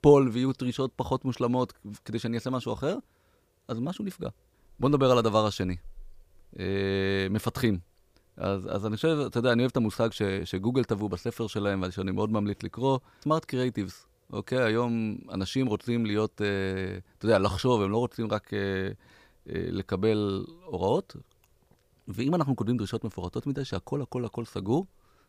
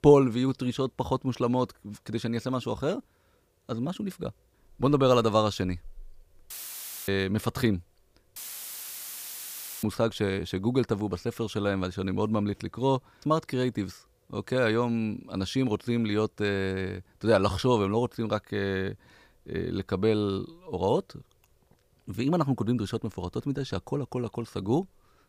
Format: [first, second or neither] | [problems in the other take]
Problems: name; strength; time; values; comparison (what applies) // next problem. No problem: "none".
first | audio cutting out; filled with static; at 6.5 s for 0.5 s and at 8.5 s for 1.5 s